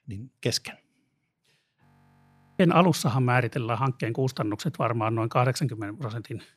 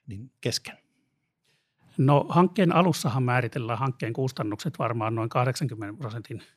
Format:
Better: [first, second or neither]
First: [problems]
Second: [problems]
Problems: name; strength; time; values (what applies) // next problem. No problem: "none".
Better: second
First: audio freezing; at 2 s for 0.5 s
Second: none